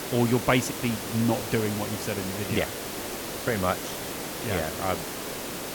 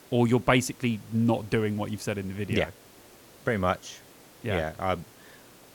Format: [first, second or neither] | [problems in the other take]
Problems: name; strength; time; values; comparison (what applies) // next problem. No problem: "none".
second | hiss; loud; throughout; 4 dB below the speech; faint in the second